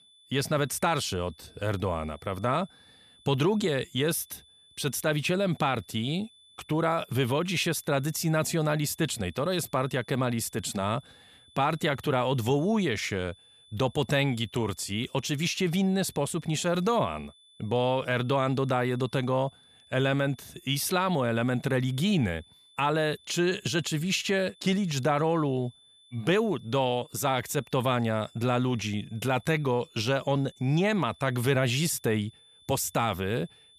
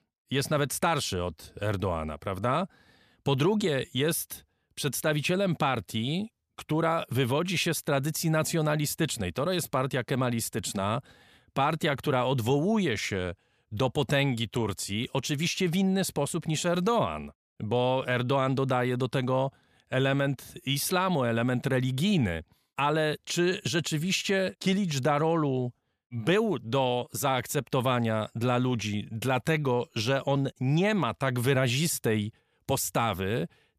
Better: second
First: high-pitched whine; faint; throughout; 3.5 kHz, 25 dB below the speech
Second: none

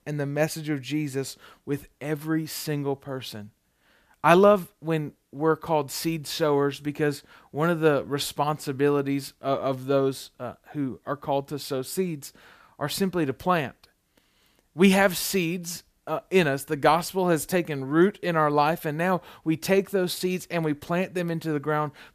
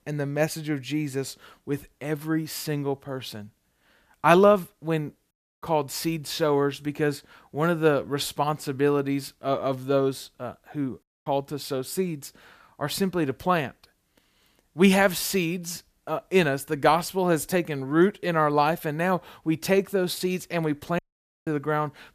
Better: first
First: none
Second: audio cutting out; at 5.5 s, at 11 s and at 21 s

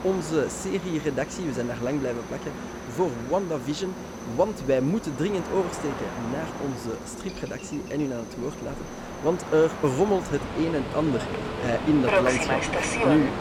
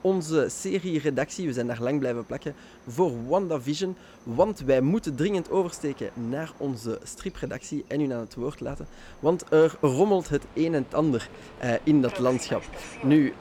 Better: second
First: train or aircraft noise; loud; throughout; 4 dB below the speech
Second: train or aircraft noise; faint; throughout; 20 dB below the speech

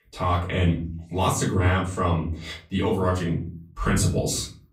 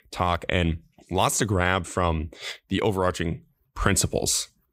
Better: second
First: off-mic speech; far // room echo; slight; dies away in 0.5 s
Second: none

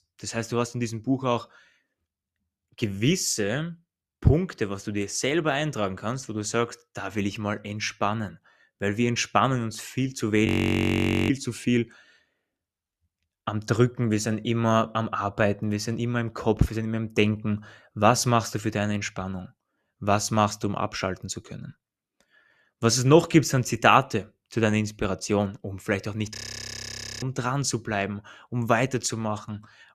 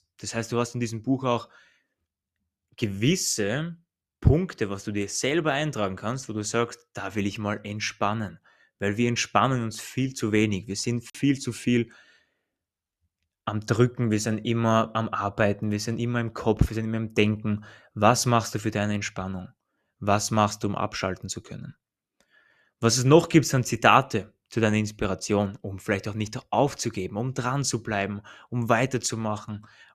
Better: second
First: audio freezing; at 10 s for 1 s and at 26 s for 1 s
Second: none

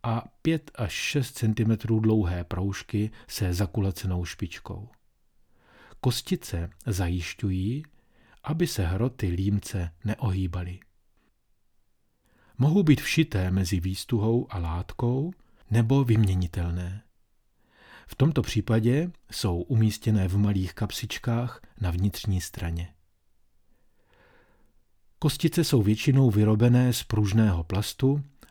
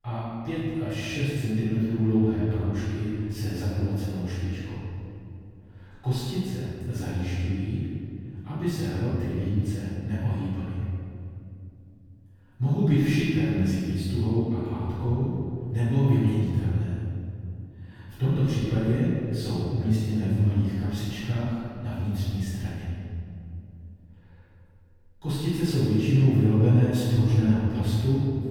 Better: first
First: none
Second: room echo; strong; dies away in 2.5 s // off-mic speech; far

